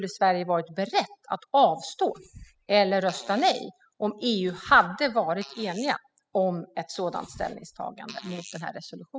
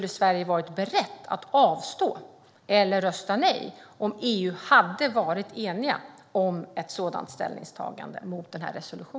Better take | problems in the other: second | noise reduction (classical method spectral subtraction)

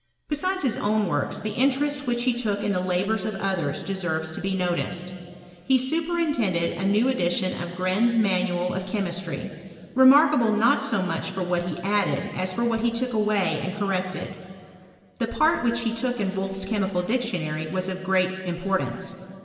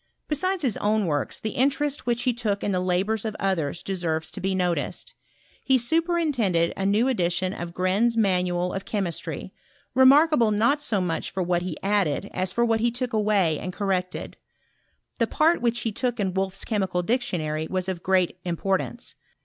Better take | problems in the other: second | room echo; dies away in 2.6 s

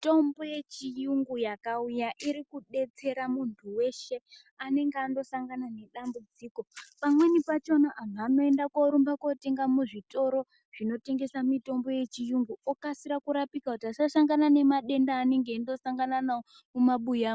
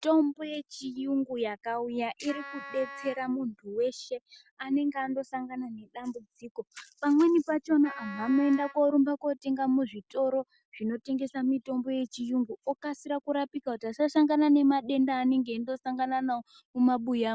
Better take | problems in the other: first | background sound (Wind instrument, woodwind instrument); 14 dB below the speech

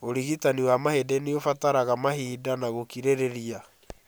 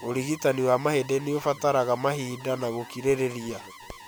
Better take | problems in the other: first | background sound (Alarm); 18 dB below the speech

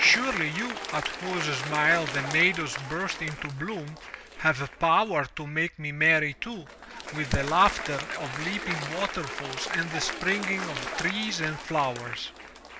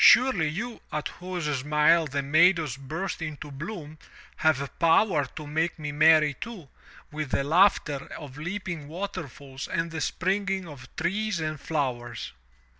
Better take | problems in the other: second | background sound (Applause); 8 dB below the speech

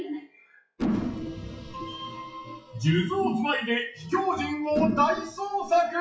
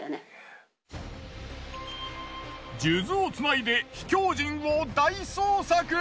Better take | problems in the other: second | noise reduction (classical method WPE with log-MMSE)

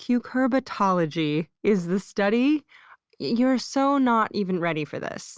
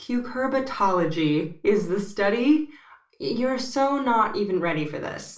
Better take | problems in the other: first | room echo; dies away in 0.3 s

